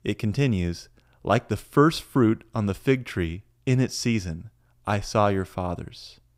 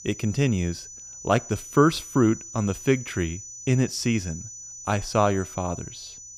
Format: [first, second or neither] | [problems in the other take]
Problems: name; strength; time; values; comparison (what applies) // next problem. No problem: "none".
first | high-pitched whine; noticeable; throughout; 6 kHz, 15 dB below the speech